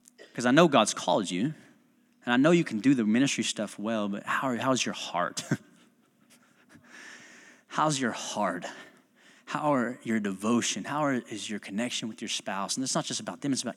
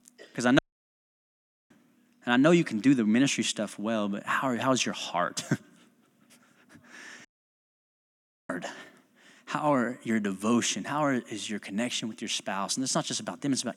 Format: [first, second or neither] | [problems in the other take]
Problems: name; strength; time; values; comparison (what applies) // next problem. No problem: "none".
first | audio cutting out; at 0.5 s for 1 s and at 7.5 s for 1 s